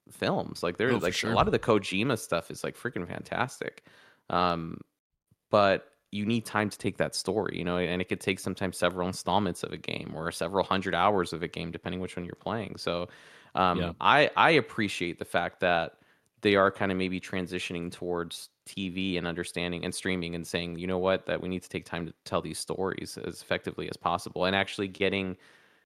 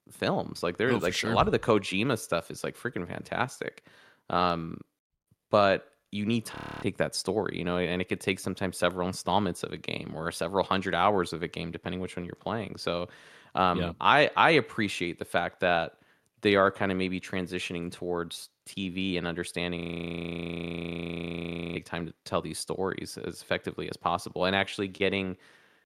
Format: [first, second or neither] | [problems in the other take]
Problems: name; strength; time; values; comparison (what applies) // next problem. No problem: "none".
first | audio freezing; at 6.5 s and at 20 s for 2 s